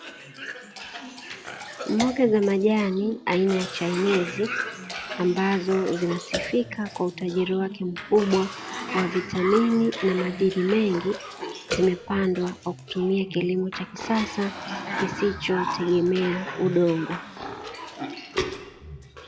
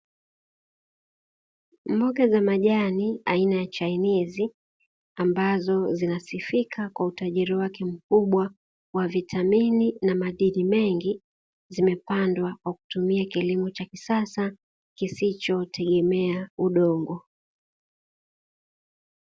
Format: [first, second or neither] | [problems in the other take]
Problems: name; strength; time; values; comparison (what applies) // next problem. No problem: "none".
second | background sound (Cough); 9 dB below the speech